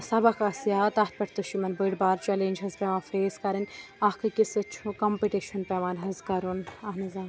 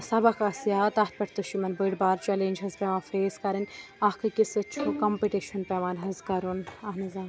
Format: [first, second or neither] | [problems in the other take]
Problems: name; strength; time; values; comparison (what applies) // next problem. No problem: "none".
first | background sound (Bowed string instrument); 11 dB below the speech